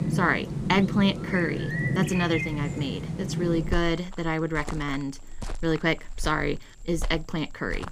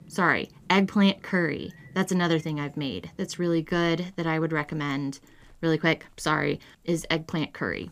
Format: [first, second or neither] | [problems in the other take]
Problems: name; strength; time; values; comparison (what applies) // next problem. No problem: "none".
second | animal sounds; loud; throughout; 5 dB below the speech; faint in the second